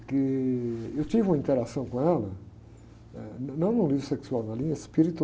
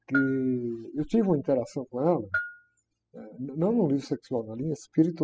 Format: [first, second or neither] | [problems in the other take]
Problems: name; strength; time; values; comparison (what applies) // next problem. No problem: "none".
first | noise reduction (classical method spectral subtraction)